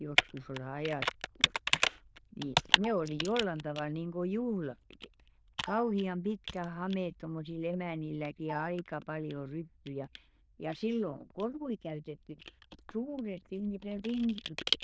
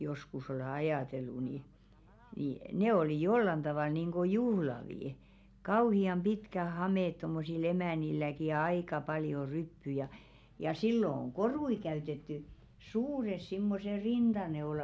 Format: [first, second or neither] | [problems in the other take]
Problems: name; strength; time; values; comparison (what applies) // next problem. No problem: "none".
second | noise reduction (neural diffusion model UNIVERSE++)